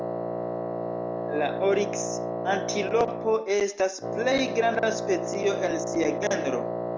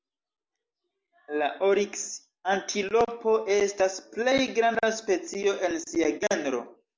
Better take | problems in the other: second | background sound (Wind instrument, woodwind instrument); 3 dB below the speech

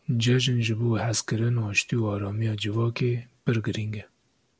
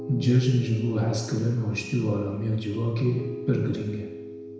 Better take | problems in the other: first | background sound (Piano); 13 dB below the speech // room echo; dies away in 1 s

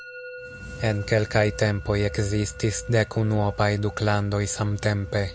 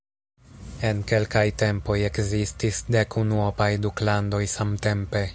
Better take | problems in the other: second | background sound (Musical instrument); 18 dB below the speech

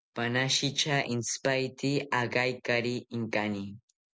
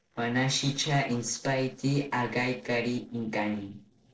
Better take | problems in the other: first | noise reduction (neural separator model SepFormer DNS4)

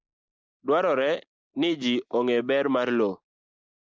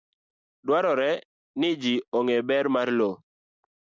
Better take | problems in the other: second | noise reduction (neural mask model Resemble Enhance denoiser)

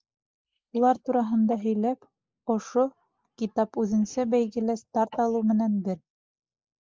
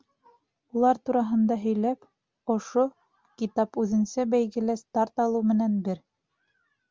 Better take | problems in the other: second | noise reduction (neural mask model Resemble Enhance denoiser)

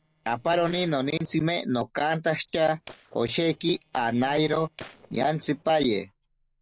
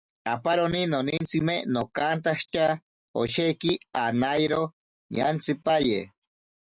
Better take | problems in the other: second | noise reduction (neural separator model SepFormer DNS4)

